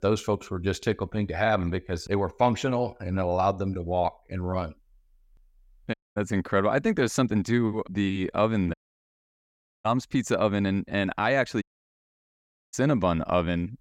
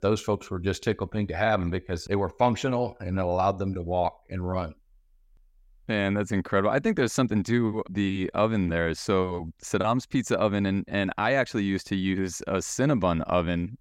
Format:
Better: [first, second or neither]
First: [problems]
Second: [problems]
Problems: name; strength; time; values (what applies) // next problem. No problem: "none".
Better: second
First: audio cutting out; at 6 s, at 8.5 s for 1 s and at 12 s for 1 s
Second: none